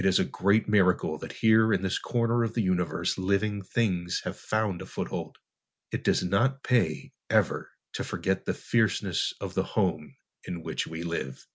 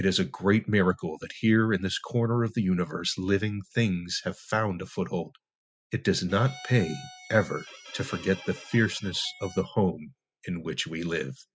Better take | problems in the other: first | noise reduction (classical method spectral subtraction)

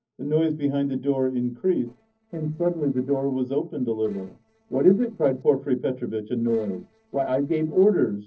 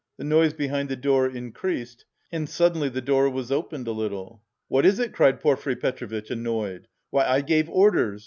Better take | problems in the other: second | noise reduction (neural separator model SepFormer DNS4)

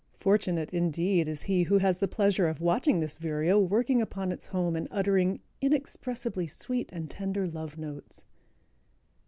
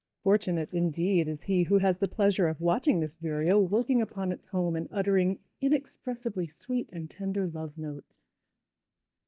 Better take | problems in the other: first | noise reduction (neural mask model DeepFilterNet 3)

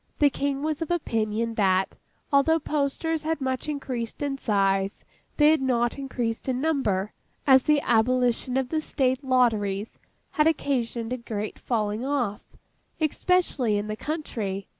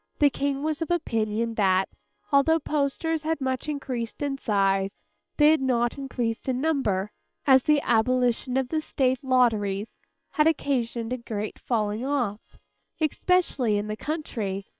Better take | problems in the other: first | noise reduction (neural separator model SepFormer WHAM!)

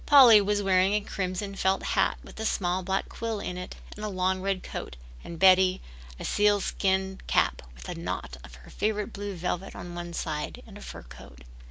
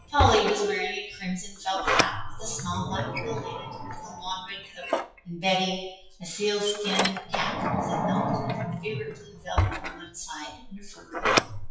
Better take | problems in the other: first | noise reduction (classical method WPE with log-MMSE)

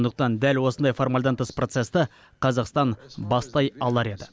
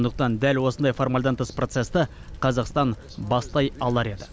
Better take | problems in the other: first | background sound (Bicycle); 16 dB below the speech

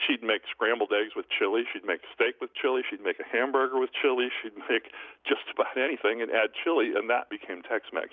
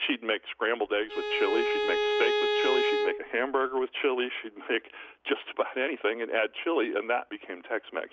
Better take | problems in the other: first | background sound (Bowed string instrument); 2 dB above the speech

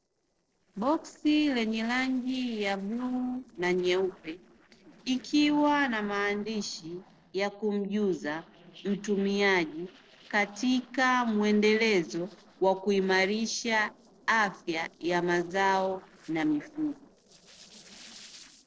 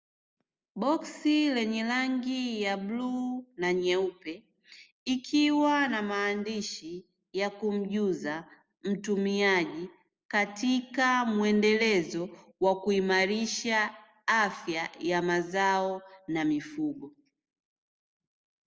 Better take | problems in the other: second | noise reduction (neural separator model SepFormer DNS4)

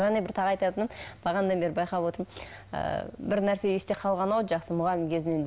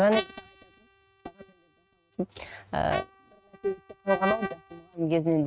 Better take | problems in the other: first | noise reduction (neural mask model RNNoise)

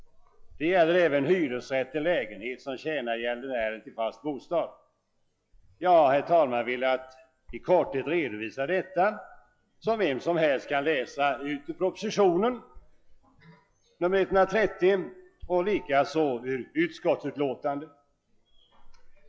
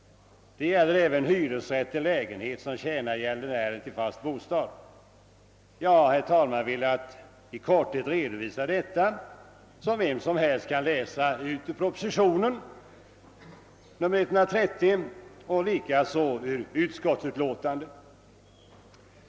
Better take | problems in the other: second | noise reduction (classical method log-MMSE)

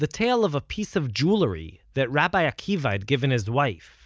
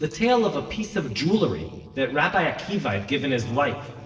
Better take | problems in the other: first | noise reduction (neural separator model SepFormer DNS4)

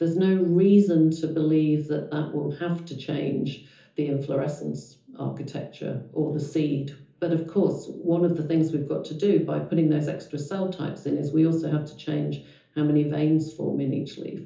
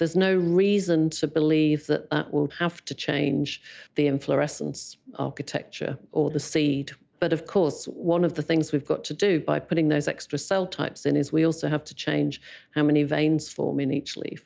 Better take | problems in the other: second | room echo; dies away in 0.6 s

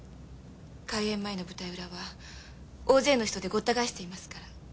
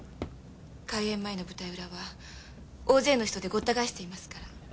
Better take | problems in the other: first | background sound (Drawer open or close); 19 dB below the speech

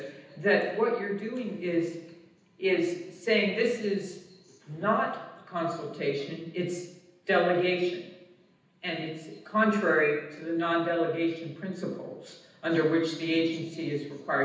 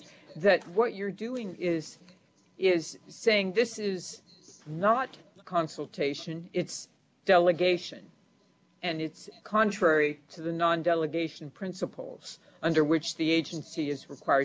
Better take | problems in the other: second | room echo; dies away in 0.9 s

